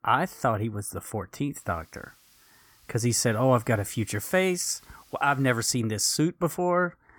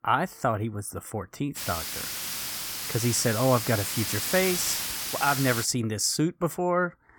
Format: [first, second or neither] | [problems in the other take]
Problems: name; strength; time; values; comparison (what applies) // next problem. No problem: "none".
first | hiss; loud; from 1.5 to 5.5 s; 3 dB below the speech; faint in the first